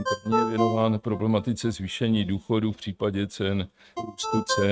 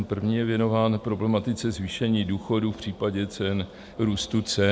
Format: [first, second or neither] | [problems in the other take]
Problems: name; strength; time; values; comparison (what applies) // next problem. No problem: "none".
second | noise reduction (neural mask model RNNoise)